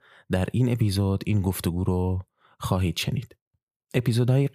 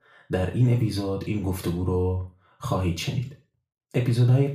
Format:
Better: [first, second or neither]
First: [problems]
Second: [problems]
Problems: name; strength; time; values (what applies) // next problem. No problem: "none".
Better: first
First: none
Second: room echo; slight; dies away in 0.4 s // off-mic speech; far